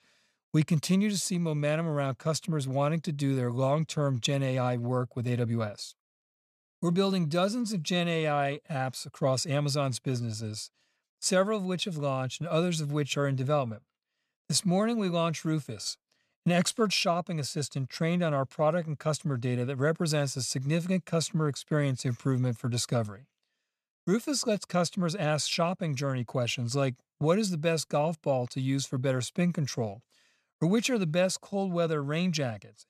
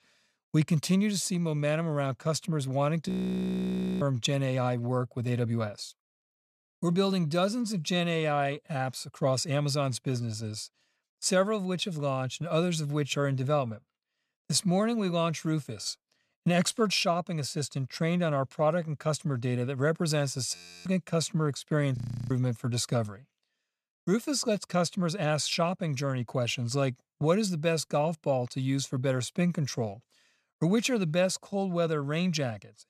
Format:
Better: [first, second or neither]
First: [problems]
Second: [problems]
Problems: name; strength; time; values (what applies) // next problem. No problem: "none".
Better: first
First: none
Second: audio freezing; at 3 s for 1 s, at 21 s and at 22 s